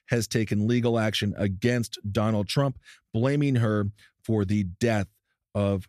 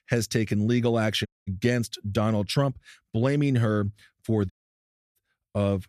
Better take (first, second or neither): first